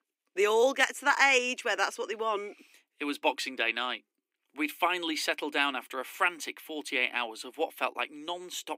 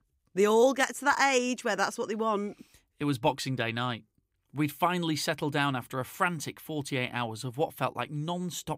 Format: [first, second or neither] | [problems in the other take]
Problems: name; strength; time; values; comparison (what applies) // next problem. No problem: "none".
second | thin; somewhat; fading below 300 Hz